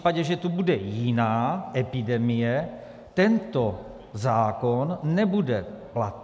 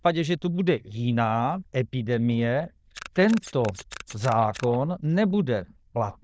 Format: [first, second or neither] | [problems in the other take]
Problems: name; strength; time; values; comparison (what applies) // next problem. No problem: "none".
first | noise reduction (neural diffusion model UNIVERSE++)